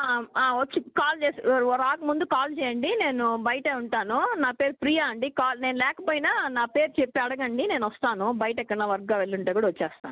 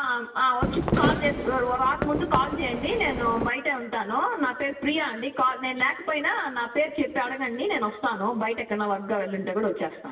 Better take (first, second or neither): first